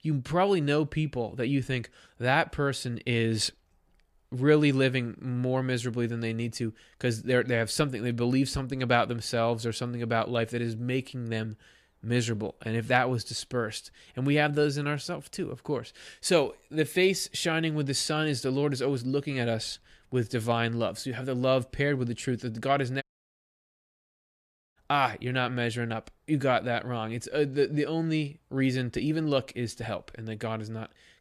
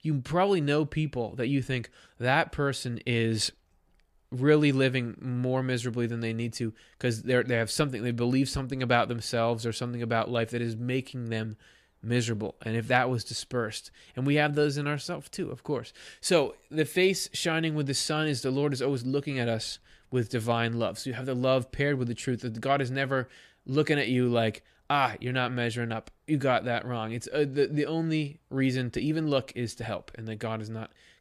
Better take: second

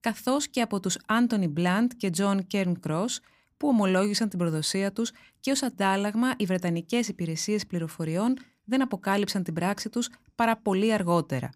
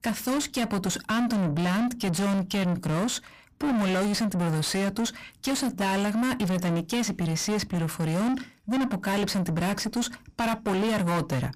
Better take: first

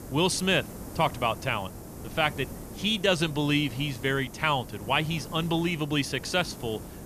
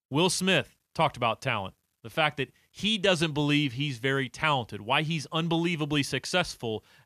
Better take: second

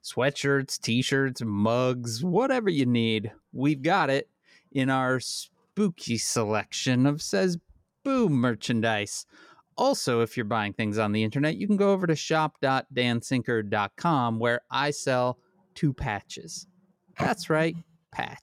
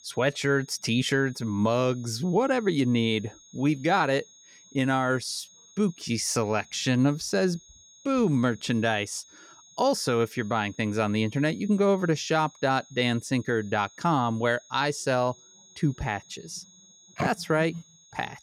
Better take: first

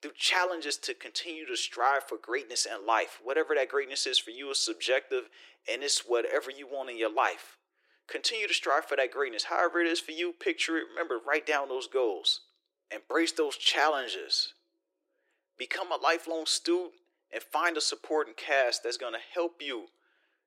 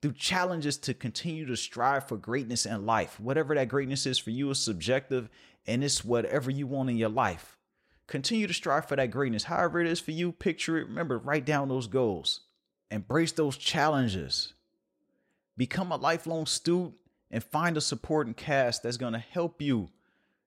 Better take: second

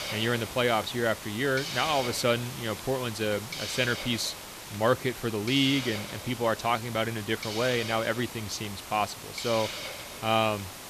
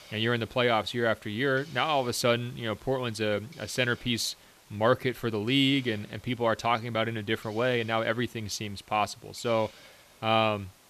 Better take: second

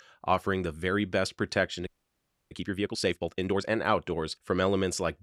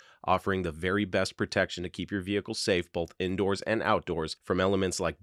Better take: second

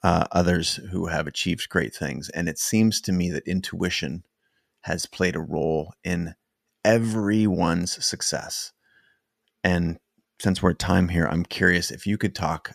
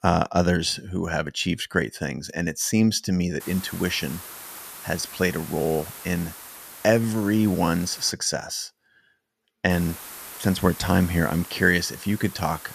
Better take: first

